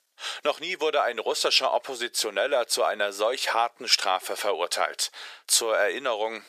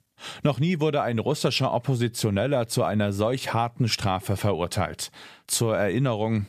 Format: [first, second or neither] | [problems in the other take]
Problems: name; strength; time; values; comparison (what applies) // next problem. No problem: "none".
second | thin; very; fading below 450 Hz